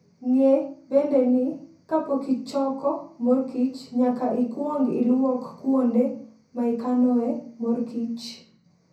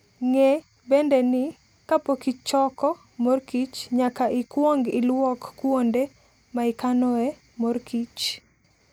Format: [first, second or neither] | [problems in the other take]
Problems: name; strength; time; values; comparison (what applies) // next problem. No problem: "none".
second | room echo; dies away in 0.6 s